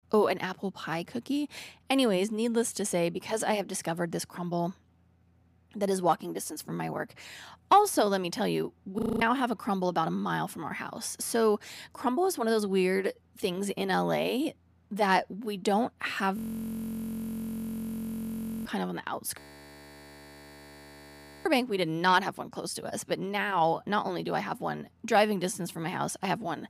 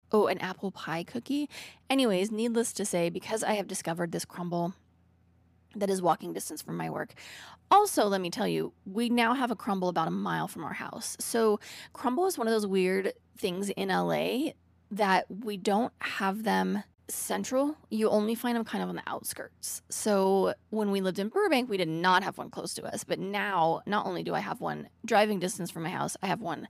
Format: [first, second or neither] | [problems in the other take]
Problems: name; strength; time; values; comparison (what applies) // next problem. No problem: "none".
second | audio freezing; at 9 s, at 16 s for 2.5 s and at 19 s for 2 s